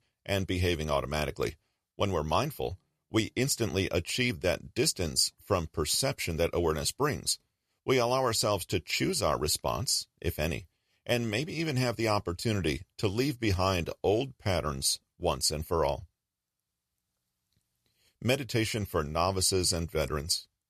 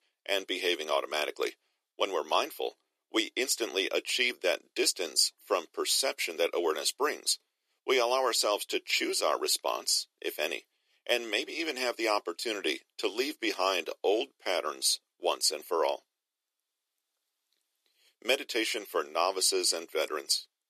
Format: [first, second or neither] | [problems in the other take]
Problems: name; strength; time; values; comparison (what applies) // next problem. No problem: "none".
first | thin; very; fading below 300 Hz